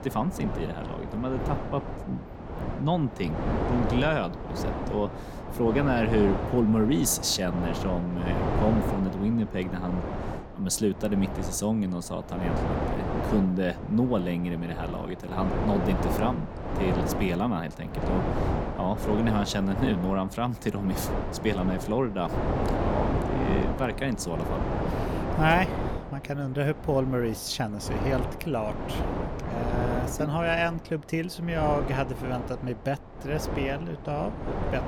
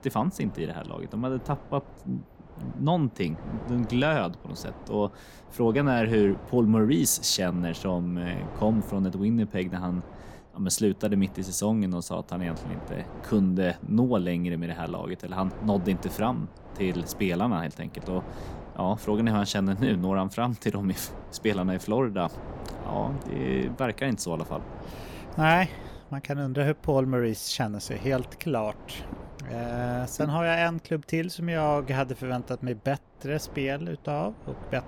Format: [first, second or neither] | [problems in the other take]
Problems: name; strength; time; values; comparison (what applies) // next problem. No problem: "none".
second | wind noise on the microphone; heavy; 4 dB below the speech; occasional gusts in the second